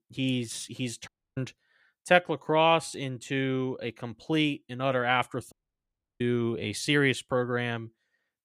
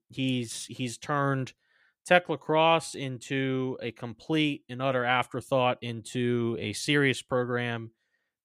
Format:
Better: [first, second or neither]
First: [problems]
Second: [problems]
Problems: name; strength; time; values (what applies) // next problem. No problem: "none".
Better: second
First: audio cutting out; at 1 s and at 5.5 s for 0.5 s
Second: none